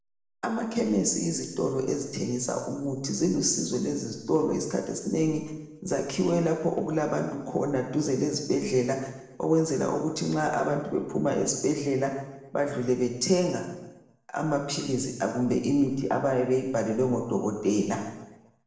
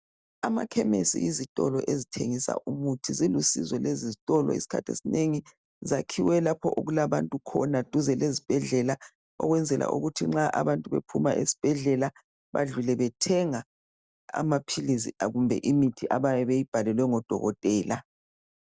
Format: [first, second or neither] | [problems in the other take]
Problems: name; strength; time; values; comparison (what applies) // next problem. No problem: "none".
second | room echo; dies away in 0.9 s